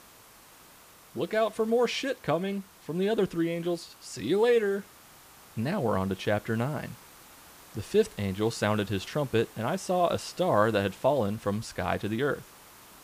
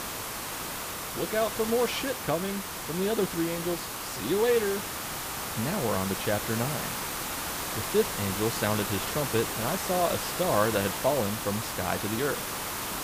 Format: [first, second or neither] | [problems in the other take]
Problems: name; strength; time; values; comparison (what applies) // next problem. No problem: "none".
first | hiss; loud; throughout; 2 dB below the speech; faint in the first